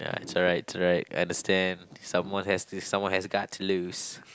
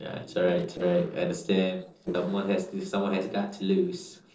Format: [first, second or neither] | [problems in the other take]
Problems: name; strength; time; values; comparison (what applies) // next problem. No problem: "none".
first | noise reduction (neural separator model SepFormer DNS4)